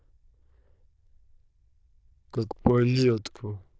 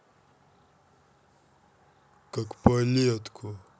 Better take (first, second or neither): second